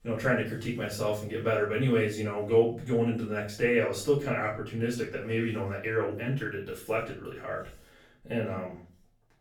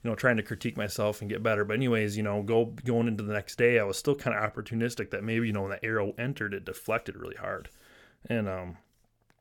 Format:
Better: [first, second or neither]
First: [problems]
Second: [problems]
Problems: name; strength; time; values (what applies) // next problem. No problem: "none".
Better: second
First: off-mic speech; far // room echo; slight; dies away in 0.3 s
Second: none